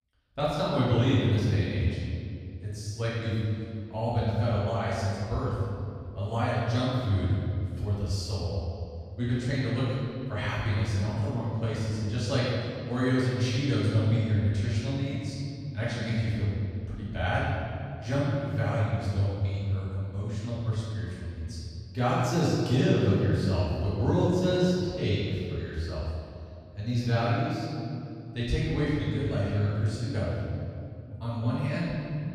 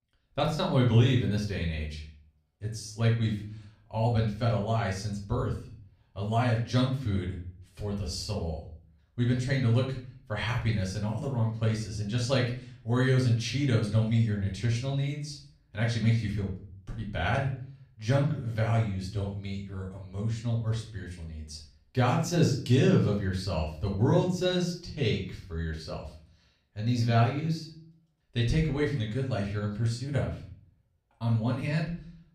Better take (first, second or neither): second